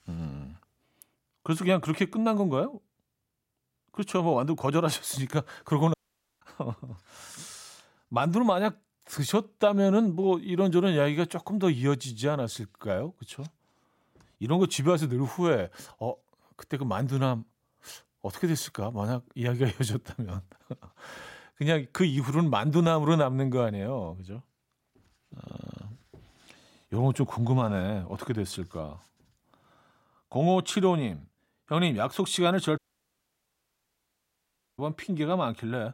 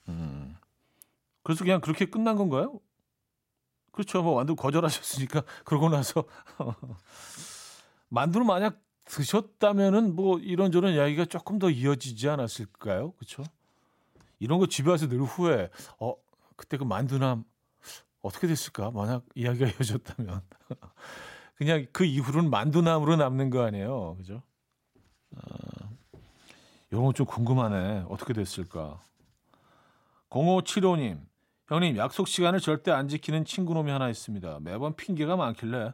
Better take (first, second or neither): second